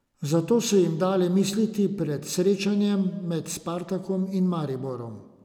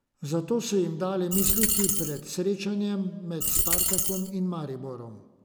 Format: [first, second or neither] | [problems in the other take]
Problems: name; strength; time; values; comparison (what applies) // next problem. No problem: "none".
first | background sound (Coin (dropping)); 3 dB above the speech